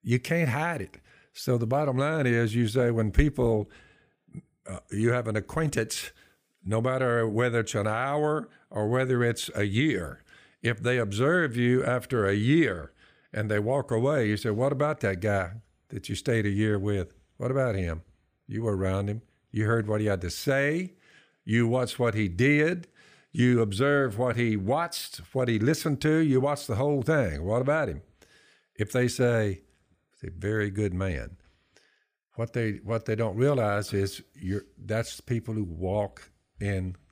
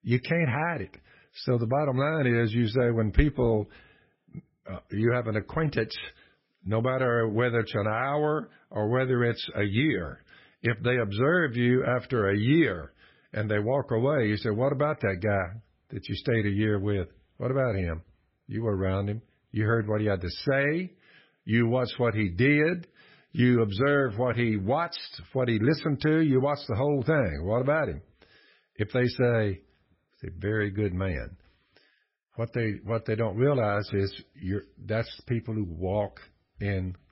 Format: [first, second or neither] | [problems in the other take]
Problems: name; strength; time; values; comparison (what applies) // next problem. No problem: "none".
first | garbled, watery; badly; nothing above 5.5 kHz